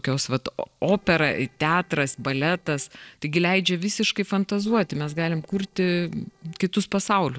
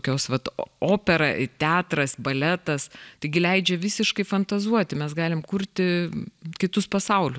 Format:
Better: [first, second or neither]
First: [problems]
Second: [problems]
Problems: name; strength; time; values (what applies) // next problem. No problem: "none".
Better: second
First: noise reduction (neural separator model SepFormer DNS4)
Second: none